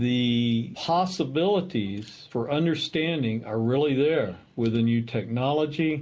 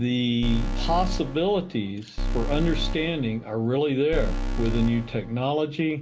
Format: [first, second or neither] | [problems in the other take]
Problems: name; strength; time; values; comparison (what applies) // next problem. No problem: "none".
first | background sound (Alarm); 2 dB below the speech